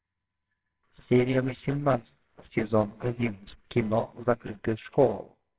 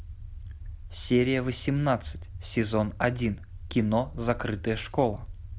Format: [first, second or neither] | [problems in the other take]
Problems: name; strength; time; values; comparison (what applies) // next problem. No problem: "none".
second | noise reduction (neural separator model SepFormer WHAMR!)